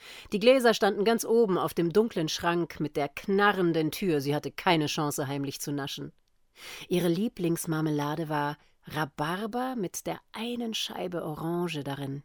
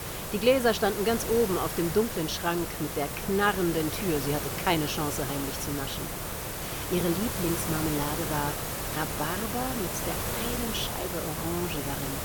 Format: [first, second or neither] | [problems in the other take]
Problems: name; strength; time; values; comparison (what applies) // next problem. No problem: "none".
first | hiss; loud; throughout; 2 dB below the speech